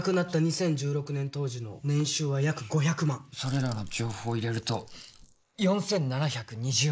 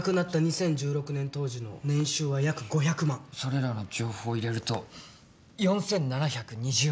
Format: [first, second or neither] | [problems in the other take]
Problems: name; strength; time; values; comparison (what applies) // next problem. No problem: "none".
second | noise reduction (neural mask model Resemble Enhance denoiser)